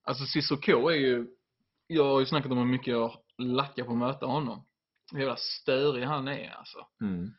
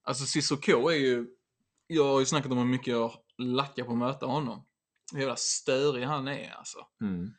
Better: second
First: garbled, watery; badly; nothing above 5.5 kHz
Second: garbled, watery; slightly; nothing above 8.5 kHz

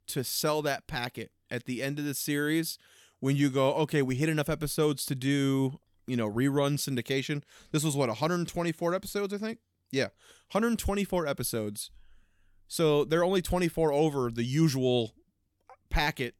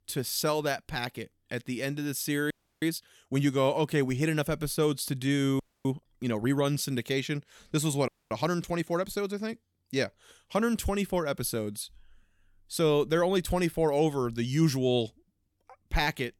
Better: first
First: none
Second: audio freezing; at 2.5 s, at 5.5 s and at 8 s

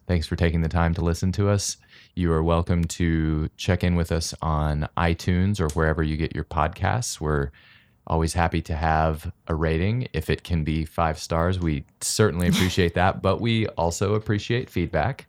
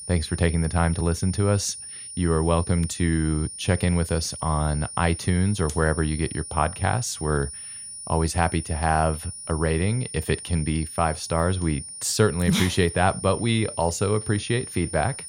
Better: first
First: none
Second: high-pitched whine; noticeable; throughout; 9.5 kHz, 10 dB below the speech

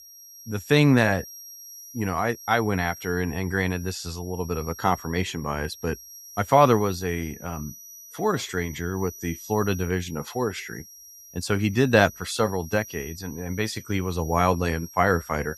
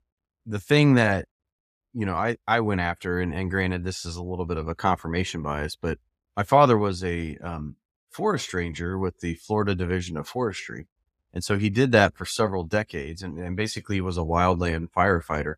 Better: second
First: high-pitched whine; noticeable; throughout; 5.5 kHz, 15 dB below the speech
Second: none

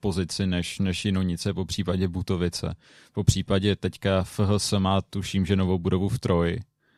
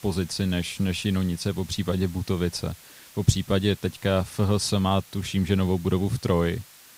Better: first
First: none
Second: hiss; faint; throughout; 20 dB below the speech

